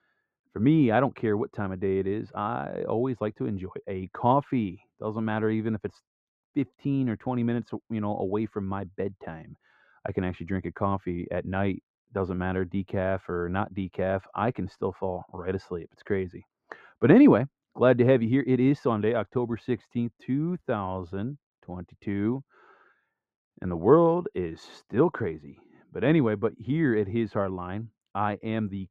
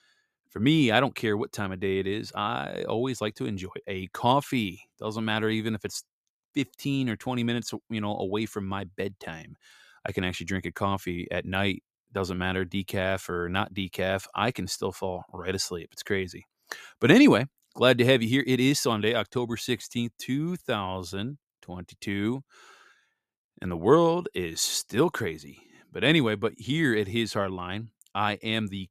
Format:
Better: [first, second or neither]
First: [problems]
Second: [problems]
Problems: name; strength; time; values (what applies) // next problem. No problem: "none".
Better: second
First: muffled; very; fading above 3.5 kHz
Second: none